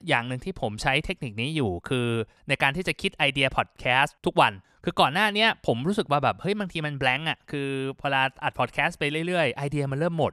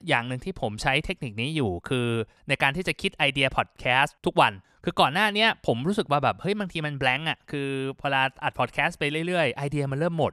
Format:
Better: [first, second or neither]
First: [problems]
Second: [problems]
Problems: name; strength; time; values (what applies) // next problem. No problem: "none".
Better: neither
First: none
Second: none